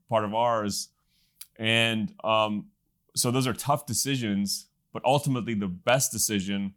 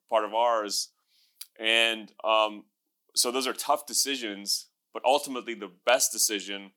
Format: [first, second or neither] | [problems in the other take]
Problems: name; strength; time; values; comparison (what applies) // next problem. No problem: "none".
first | thin; somewhat; fading below 300 Hz